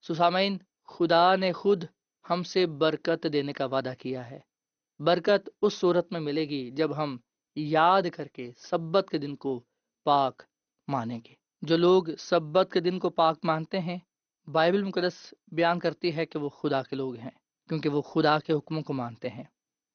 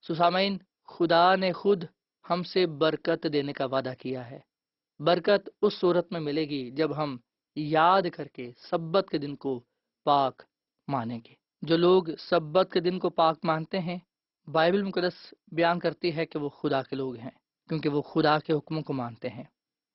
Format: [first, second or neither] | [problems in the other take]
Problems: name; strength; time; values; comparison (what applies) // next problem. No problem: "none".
first | garbled, watery; badly; nothing above 4.5 kHz; slightly in the first